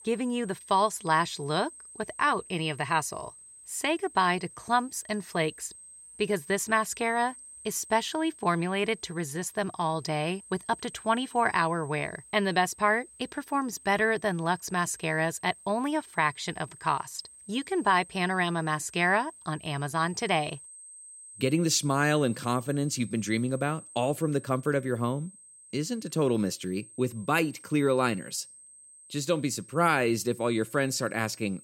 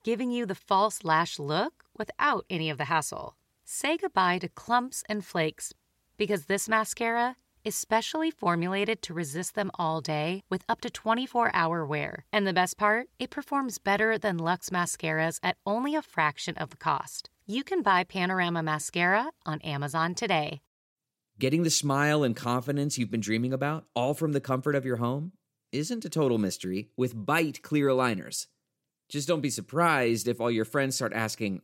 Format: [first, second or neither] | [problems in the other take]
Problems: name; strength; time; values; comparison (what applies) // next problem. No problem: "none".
second | high-pitched whine; noticeable; throughout; 8.5 kHz, 20 dB below the speech